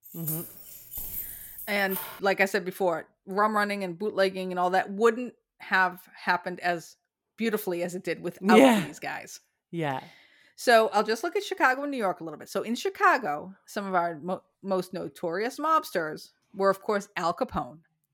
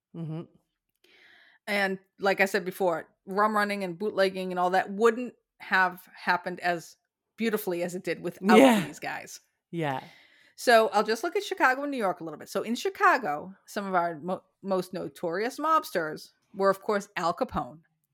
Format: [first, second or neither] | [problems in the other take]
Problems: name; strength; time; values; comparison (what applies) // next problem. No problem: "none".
second | jangling keys; noticeable; until 2 s; peak 6 dB below the speech